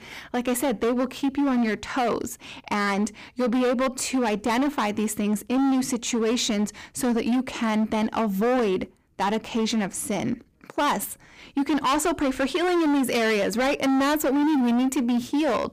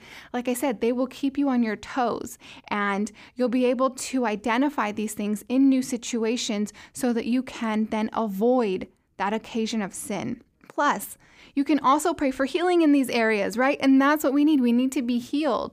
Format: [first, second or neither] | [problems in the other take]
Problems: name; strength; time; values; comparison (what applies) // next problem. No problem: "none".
second | distortion; heavy; 22% of the sound clipped